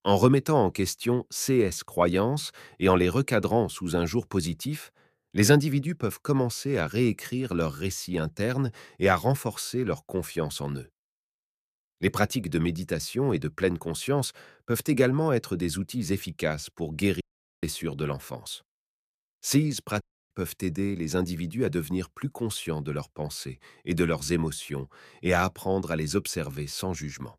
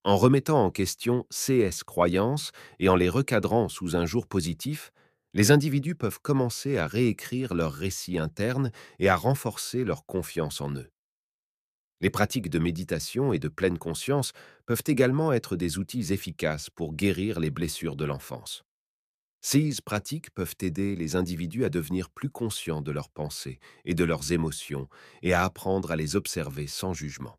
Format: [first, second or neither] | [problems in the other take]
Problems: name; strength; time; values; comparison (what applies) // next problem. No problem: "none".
second | audio cutting out; at 17 s and at 20 s